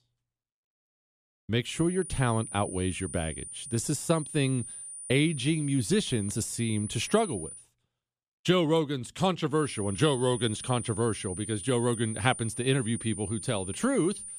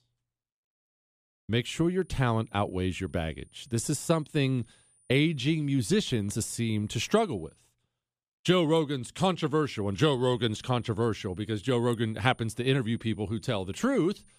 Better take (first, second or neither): second